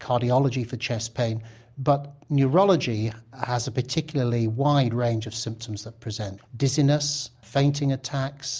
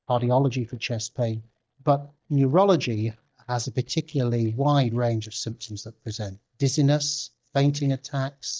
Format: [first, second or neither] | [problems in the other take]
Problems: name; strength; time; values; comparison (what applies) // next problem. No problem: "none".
first | noise reduction (neural mask model DeepFilterNet 3)